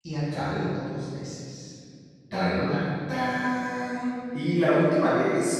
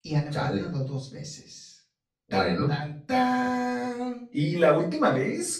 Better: second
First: room echo; strong; dies away in 2.2 s // off-mic speech; far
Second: room echo; slight; dies away in 0.3 s // off-mic speech; far

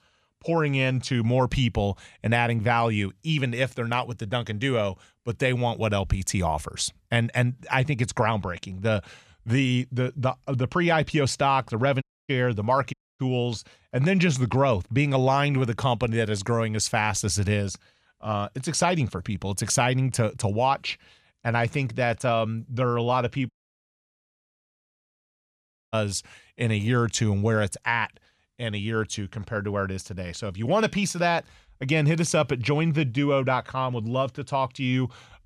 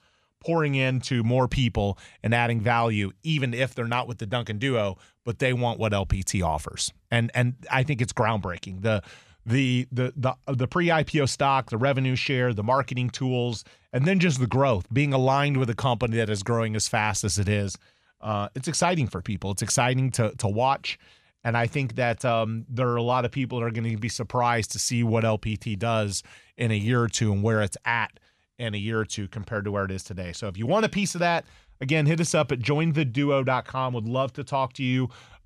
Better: second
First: audio cutting out; at 12 s, at 13 s and at 24 s for 2.5 s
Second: none

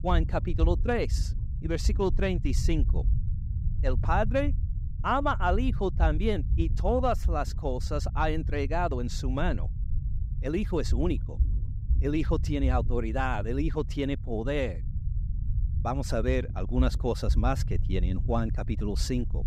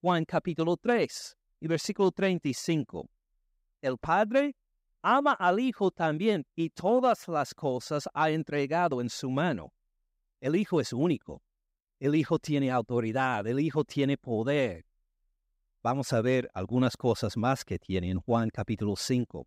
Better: second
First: low rumble; noticeable; throughout; 15 dB below the speech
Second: none

